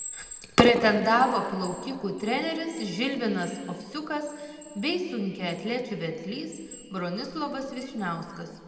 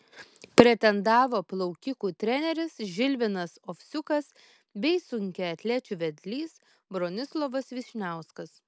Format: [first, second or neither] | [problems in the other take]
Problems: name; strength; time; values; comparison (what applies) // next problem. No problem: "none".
second | background sound (Chime); 19 dB below the speech // room echo; dies away in 2.1 s